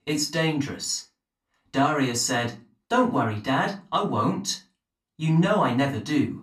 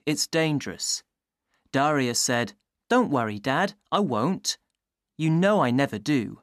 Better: second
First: off-mic speech; far // room echo; very slight; dies away in 0.2 s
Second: none

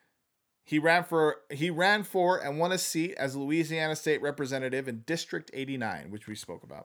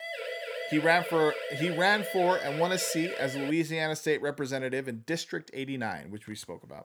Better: first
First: none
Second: siren; noticeable; until 3.5 s; peak 6 dB below the speech

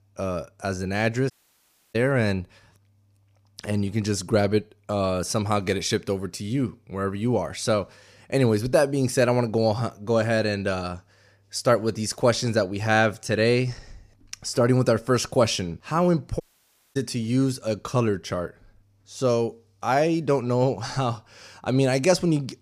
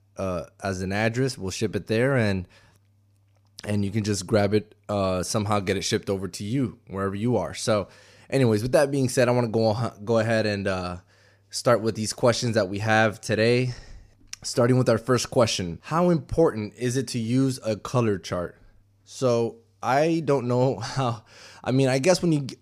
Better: second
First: audio cutting out; at 1.5 s for 0.5 s and at 16 s for 0.5 s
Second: none

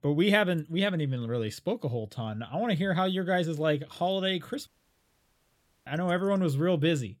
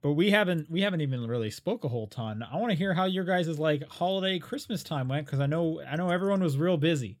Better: second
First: audio cutting out; at 4.5 s for 1 s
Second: none

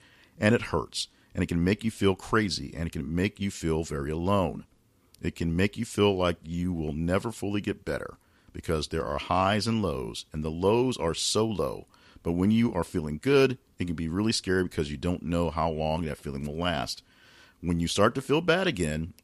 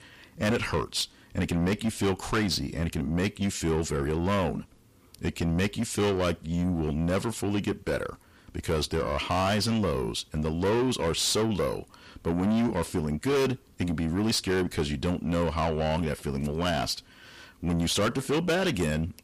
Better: first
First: none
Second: distortion; heavy; 7 dB below the speech

